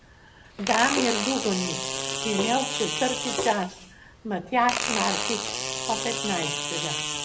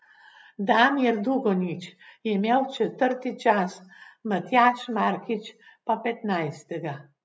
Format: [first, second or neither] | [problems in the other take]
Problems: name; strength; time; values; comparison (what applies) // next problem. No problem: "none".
second | background sound (Tap + Fart); 1 dB below the speech